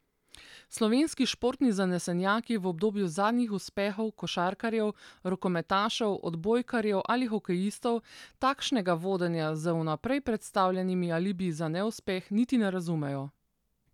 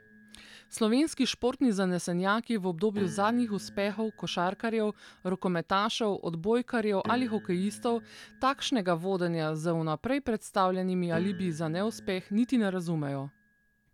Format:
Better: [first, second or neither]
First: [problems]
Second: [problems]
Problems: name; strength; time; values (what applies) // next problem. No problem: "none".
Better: first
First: none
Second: background sound (Piano); 18 dB below the speech